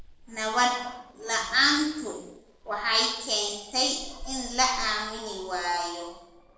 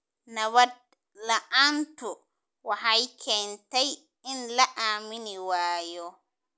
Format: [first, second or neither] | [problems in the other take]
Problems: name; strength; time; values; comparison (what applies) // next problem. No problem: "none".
second | noise reduction (neural separator model SepFormer DNS4)